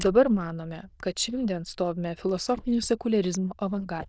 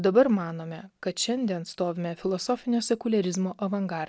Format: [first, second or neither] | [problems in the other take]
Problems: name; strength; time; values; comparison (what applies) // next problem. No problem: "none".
second | noise reduction (neural diffusion model UNIVERSE++)